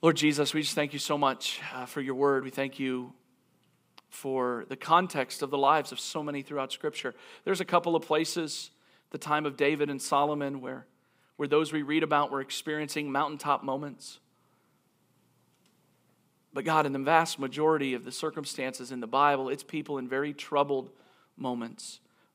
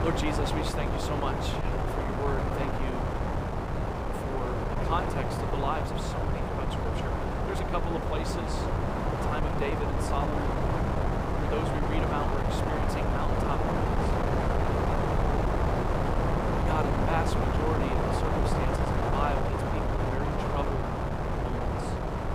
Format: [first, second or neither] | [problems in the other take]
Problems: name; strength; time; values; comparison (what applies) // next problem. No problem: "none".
first | wind noise on the microphone; heavy; 4 dB above the speech